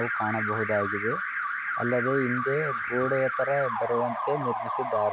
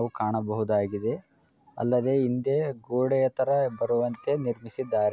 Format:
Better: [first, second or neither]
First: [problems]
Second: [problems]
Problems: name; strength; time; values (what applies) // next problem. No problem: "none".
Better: second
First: background sound (Alarm); 1 dB below the speech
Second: none